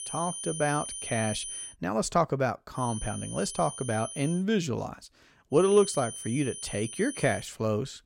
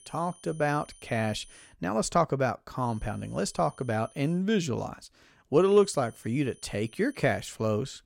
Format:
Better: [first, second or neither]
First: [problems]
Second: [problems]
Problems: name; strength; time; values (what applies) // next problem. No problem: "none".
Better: second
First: high-pitched whine; loud; until 1.5 s, from 3 to 4.5 s and from 5.5 to 7.5 s; 9.5 kHz, 8 dB below the speech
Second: high-pitched whine; faint; until 1.5 s, from 3 to 4.5 s and from 5.5 to 7.5 s; 9.5 kHz, 25 dB below the speech